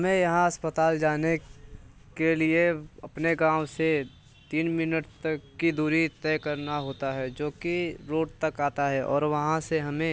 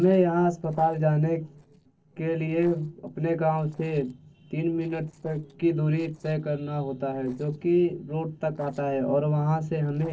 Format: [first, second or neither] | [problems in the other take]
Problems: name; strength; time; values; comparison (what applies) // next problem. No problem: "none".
first | noise reduction (neural separator model SepFormer DNS4)